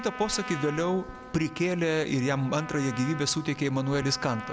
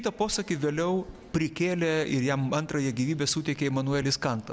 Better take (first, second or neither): second